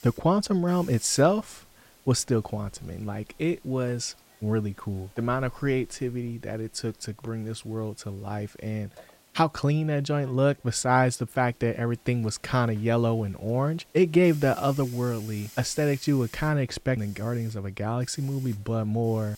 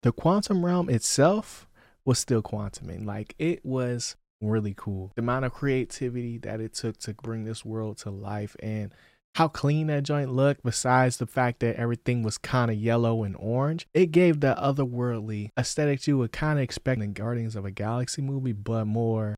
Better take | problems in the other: second | hiss; faint; throughout; 25 dB below the speech

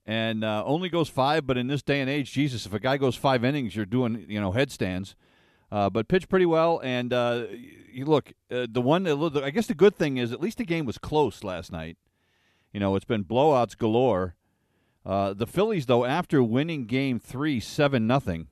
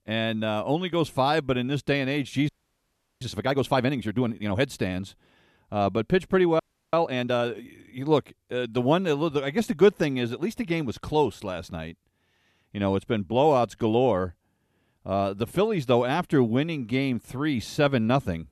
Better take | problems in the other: first | audio freezing; at 2.5 s for 0.5 s and at 6.5 s

